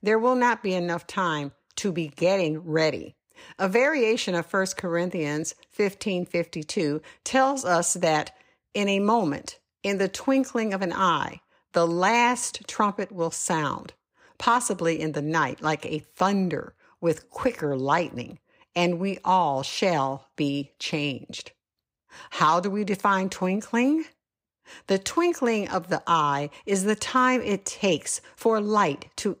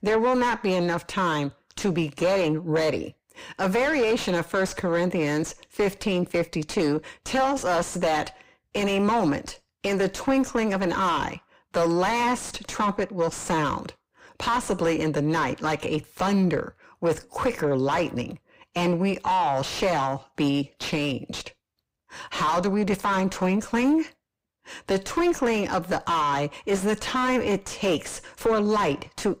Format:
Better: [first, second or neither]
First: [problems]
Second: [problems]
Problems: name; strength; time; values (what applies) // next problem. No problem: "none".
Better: first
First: none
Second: distortion; heavy; 6 dB below the speech